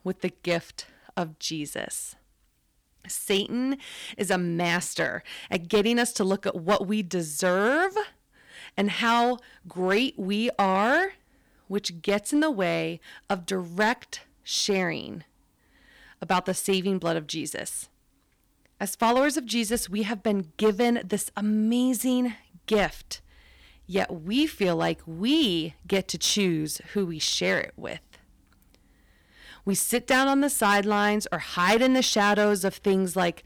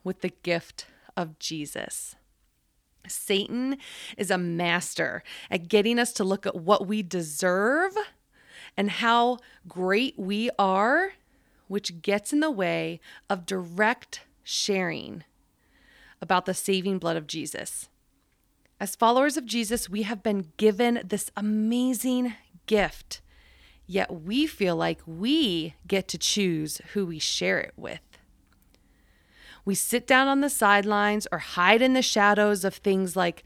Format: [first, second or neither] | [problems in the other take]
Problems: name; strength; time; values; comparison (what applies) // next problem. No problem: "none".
second | distortion; slight; 3% of the sound clipped